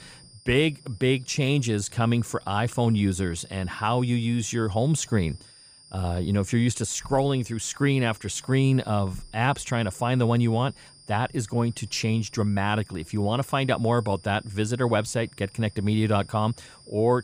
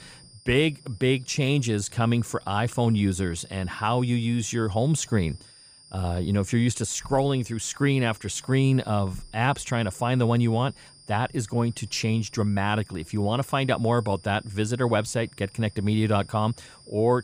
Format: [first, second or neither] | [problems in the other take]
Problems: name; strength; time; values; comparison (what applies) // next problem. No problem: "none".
neither | high-pitched whine; faint; throughout; 5 kHz, 25 dB below the speech; the same in both